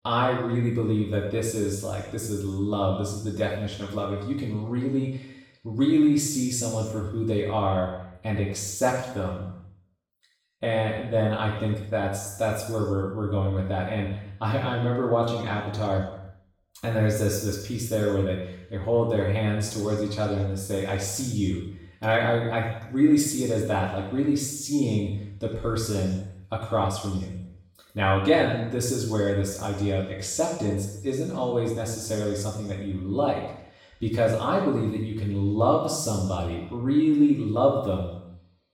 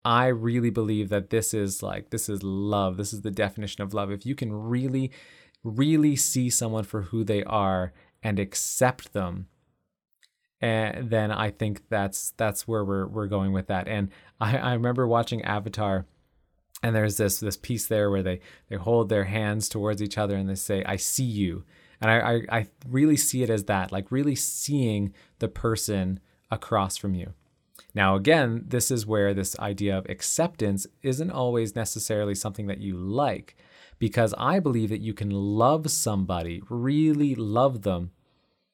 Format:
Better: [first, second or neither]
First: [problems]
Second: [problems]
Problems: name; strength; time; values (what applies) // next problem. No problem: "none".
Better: second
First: room echo; noticeable; dies away in 0.8 s // off-mic speech; far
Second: none